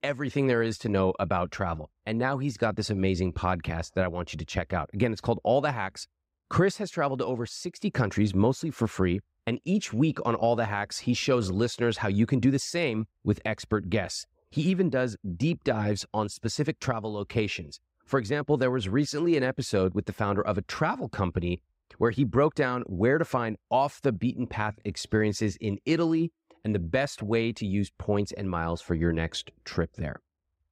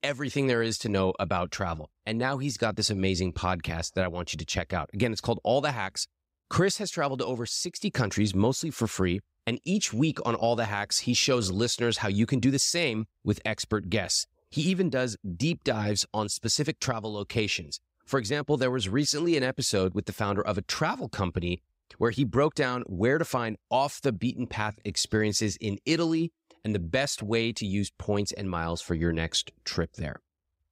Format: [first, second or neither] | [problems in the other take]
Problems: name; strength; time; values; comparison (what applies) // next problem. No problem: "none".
second | muffled; slightly; fading above 3 kHz